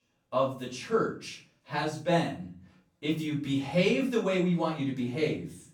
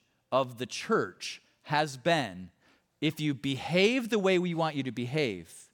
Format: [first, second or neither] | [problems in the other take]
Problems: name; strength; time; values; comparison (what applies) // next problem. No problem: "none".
second | off-mic speech; far // room echo; slight; dies away in 0.4 s